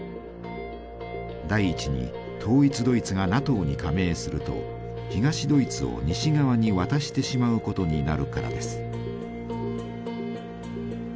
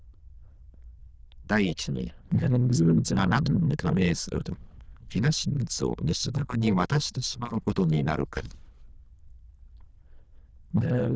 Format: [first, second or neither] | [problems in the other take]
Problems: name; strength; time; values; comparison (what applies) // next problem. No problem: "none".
first | noise reduction (neural diffusion model UNIVERSE++)